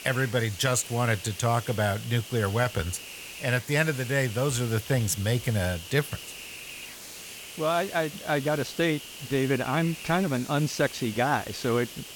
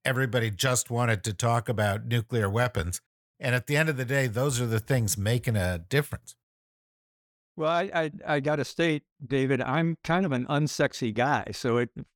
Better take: second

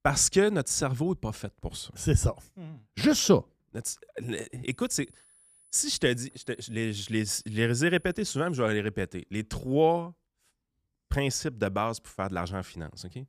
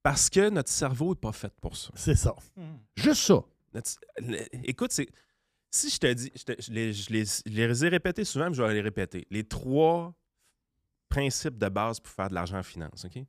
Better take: second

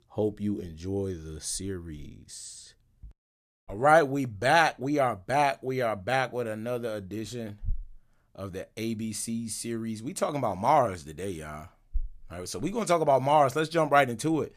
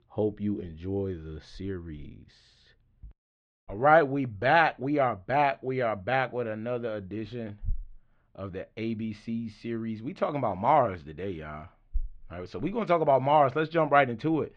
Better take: first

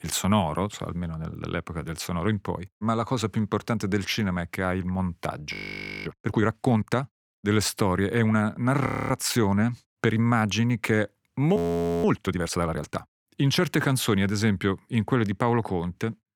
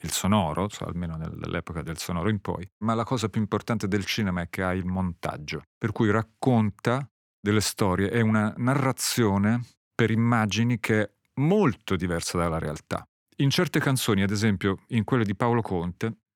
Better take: second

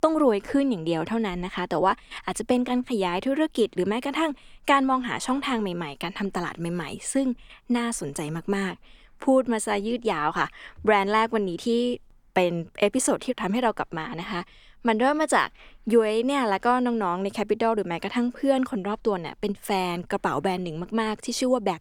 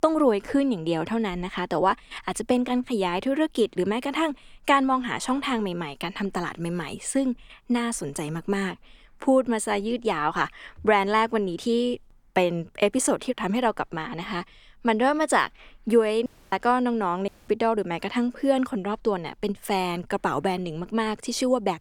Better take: first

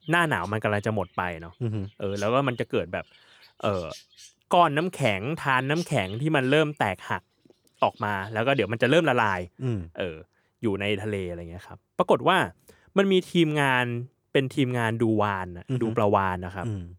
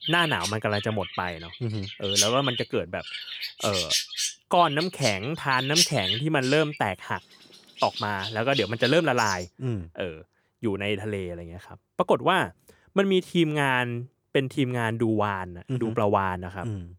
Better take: first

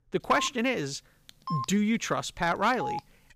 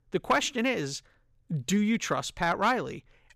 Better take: second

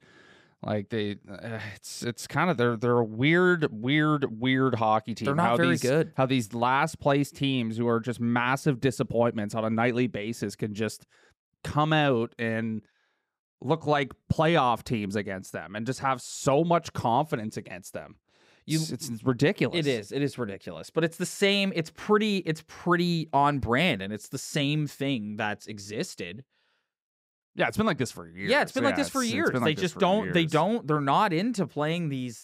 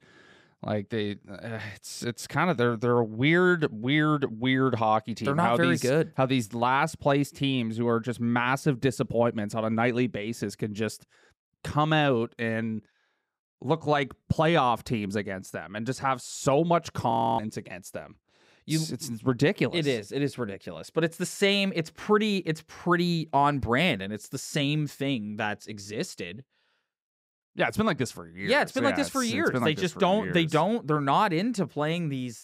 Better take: first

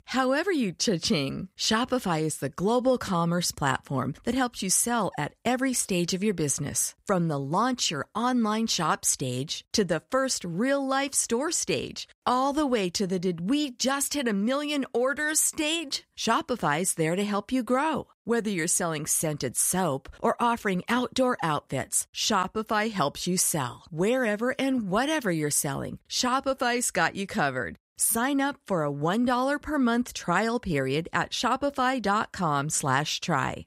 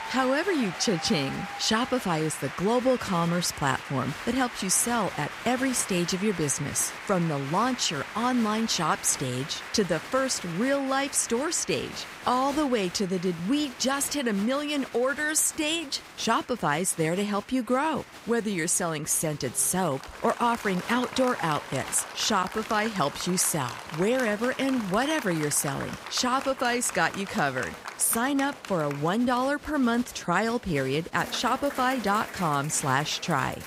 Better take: first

